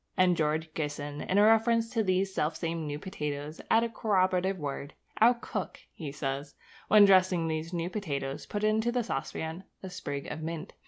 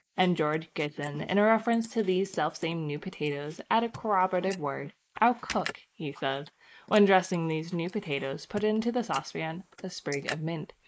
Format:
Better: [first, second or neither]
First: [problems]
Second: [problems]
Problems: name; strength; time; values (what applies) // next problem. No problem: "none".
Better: first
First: none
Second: noise reduction (neural mask model Resemble Enhance denoiser)